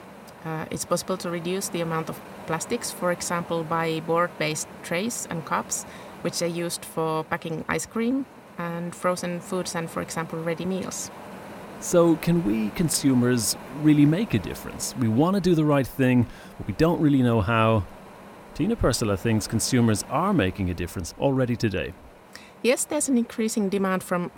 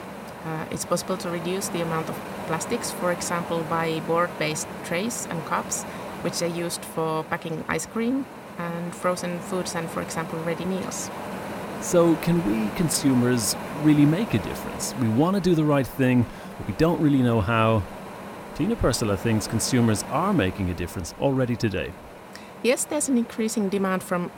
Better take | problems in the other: first | wind noise on the microphone; heavy; 9 dB below the speech; occasional gusts in the first

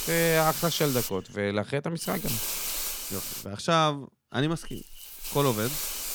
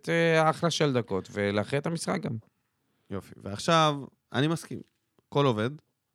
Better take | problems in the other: second | hiss; loud; until 1.5 s, from 2 to 3.5 s and from 4.5 s on; 3 dB below the speech

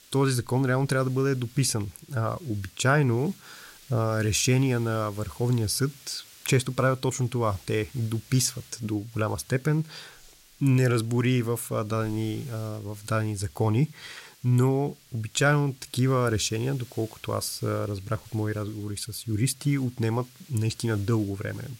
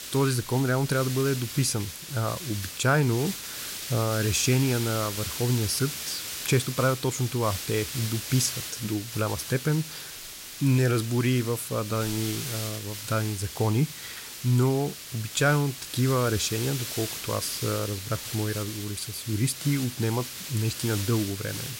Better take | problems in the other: first | hiss; loud; throughout; 7 dB below the speech; faint in the first

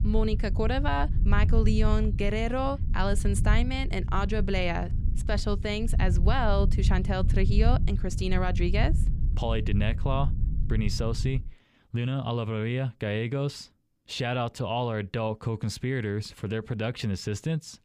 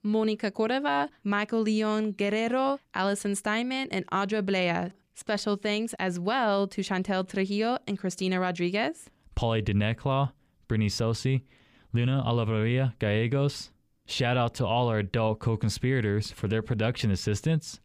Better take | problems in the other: second | low rumble; noticeable; until 11 s; 15 dB below the speech

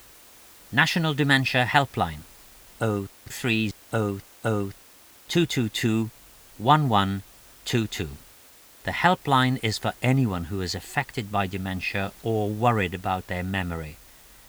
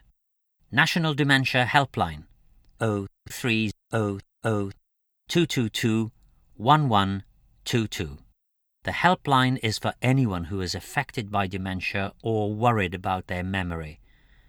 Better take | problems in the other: second | hiss; faint; throughout; 25 dB below the speech

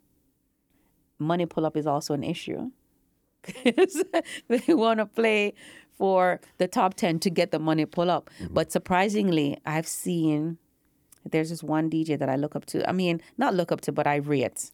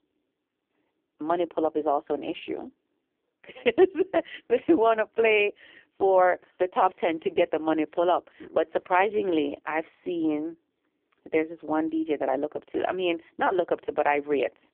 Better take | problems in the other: first | phone-call audio; poor line

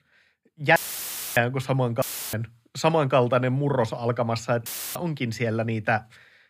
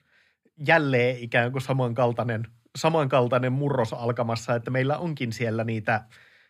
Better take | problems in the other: second | audio cutting out; filled with static; at 1 s for 0.5 s, at 2 s and at 4.5 s

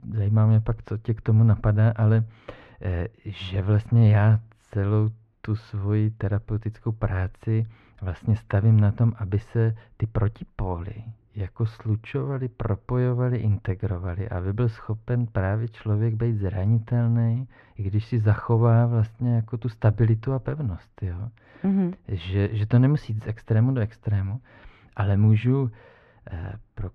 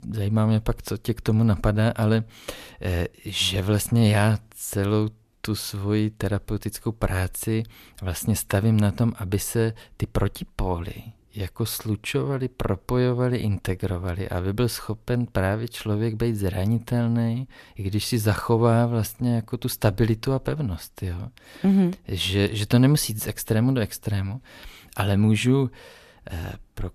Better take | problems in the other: second | muffled; very; fading above 1.5 kHz

